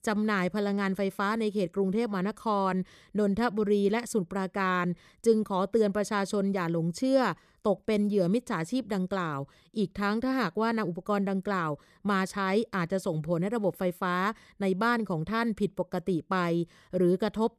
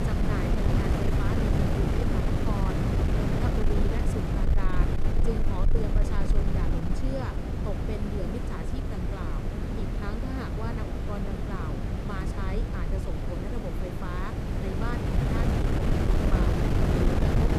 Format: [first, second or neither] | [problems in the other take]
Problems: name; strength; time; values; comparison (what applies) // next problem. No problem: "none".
first | wind noise on the microphone; heavy; 4 dB above the speech